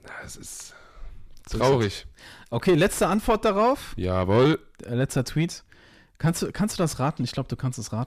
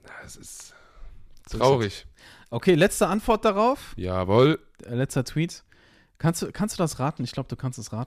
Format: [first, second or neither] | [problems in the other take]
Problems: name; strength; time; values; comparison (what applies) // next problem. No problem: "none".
second | distortion; slight; 10 dB below the speech